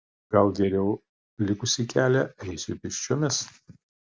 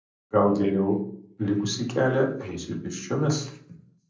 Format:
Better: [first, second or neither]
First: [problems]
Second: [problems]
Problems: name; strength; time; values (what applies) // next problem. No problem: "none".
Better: first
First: none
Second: room echo; dies away in 0.6 s